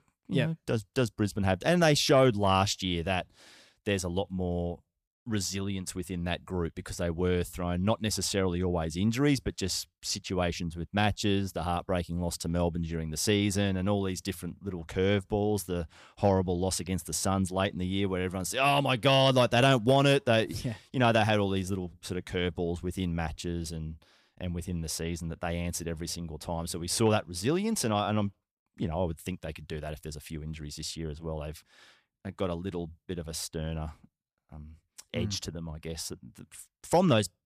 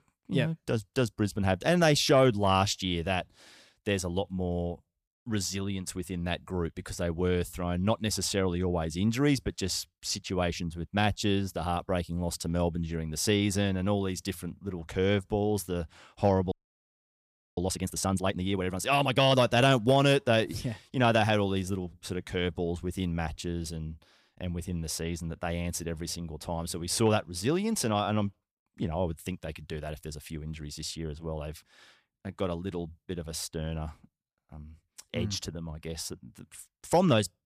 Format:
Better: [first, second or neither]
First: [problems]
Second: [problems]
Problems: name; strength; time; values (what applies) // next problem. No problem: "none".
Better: first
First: none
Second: audio freezing; at 17 s for 1 s